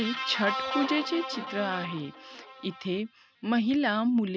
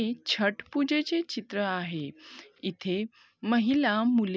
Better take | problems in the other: second | background sound (Guitar); 8 dB below the speech

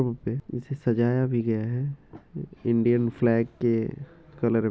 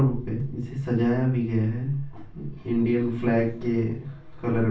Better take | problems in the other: first | room echo; dies away in 0.3 s

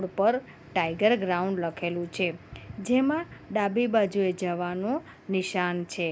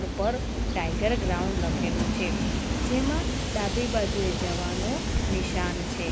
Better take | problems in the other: first | background sound (Train); 4 dB above the speech

